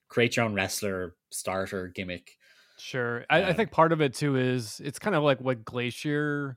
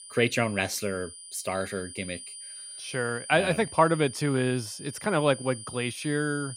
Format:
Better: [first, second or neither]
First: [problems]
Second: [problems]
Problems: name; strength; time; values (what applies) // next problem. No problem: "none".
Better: first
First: none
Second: high-pitched whine; noticeable; throughout; 9.5 kHz, 10 dB below the speech